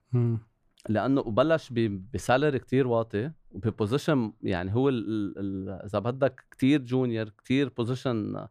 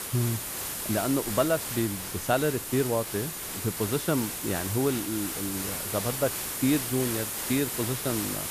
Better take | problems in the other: first | hiss; loud; throughout; 2 dB below the speech

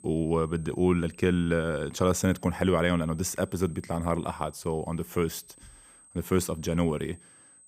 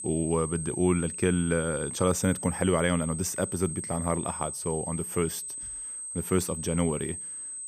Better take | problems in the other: first | high-pitched whine; loud; throughout; 8.5 kHz, 6 dB below the speech; faint in the first

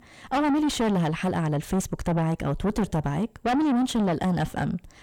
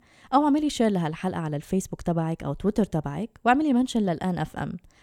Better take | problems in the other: second | distortion; heavy; 5 dB below the speech

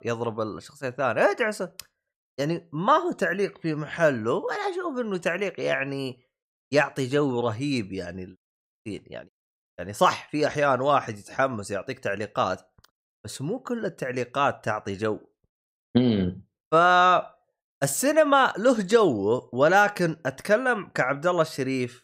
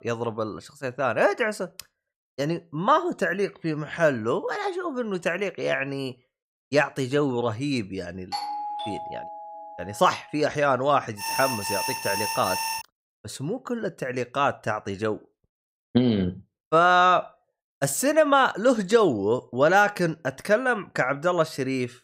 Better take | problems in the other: first | doorbell; noticeable; from 8.5 to 10 s; peak 6 dB below the speech // alarm; noticeable; from 11 to 13 s; peak 3 dB below the speech

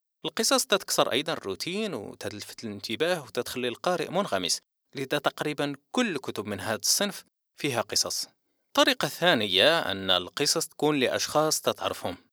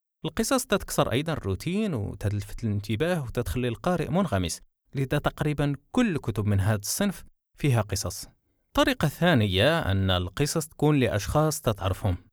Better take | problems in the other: second | thin; somewhat; fading below 300 Hz

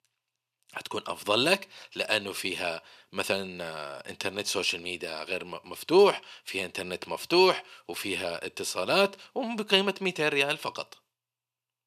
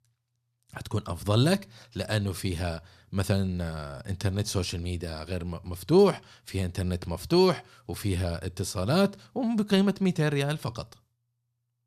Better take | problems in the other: second | thin; somewhat; fading below 400 Hz

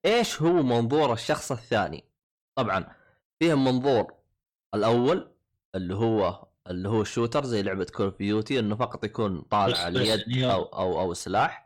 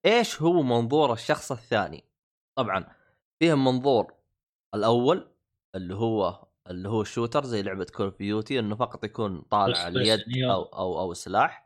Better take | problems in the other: second | distortion; slight; 10 dB below the speech

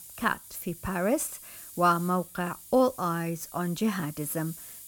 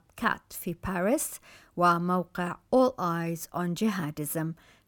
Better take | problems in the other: second | hiss; noticeable; throughout; 15 dB below the speech

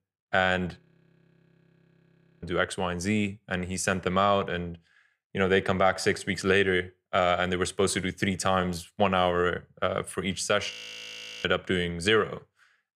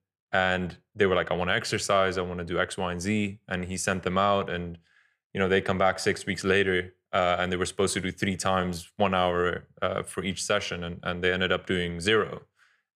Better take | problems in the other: second | audio freezing; at 1 s for 1.5 s and at 11 s for 0.5 s

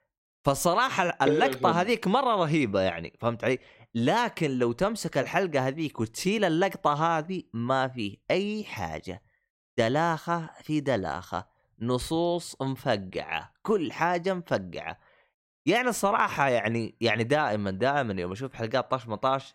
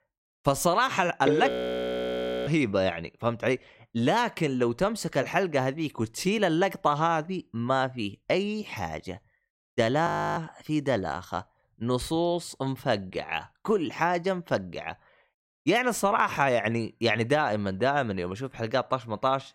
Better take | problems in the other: first | audio freezing; at 1.5 s for 1 s and at 10 s

